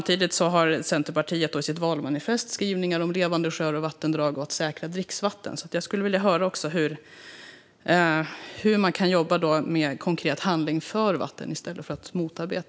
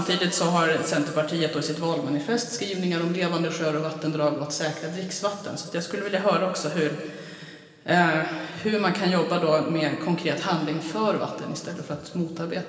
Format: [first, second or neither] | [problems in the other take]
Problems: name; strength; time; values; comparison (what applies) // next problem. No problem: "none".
first | room echo; dies away in 2.3 s